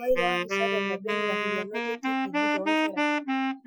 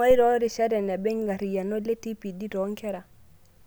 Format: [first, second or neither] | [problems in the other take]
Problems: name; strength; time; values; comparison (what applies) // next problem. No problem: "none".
second | noise reduction (classical method Wiener filter)